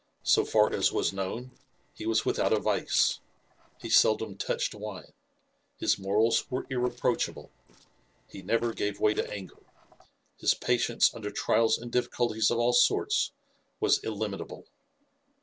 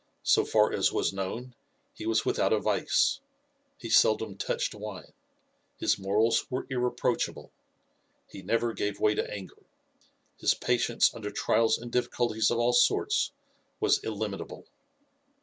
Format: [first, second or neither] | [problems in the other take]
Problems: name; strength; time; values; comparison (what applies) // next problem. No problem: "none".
second | noise reduction (neural separator model SepFormer DNS4)